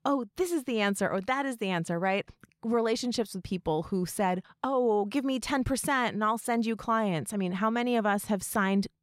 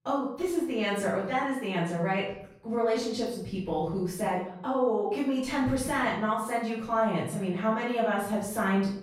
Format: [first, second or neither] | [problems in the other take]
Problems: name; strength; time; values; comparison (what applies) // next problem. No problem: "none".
first | off-mic speech; far // room echo; noticeable; dies away in 0.6 s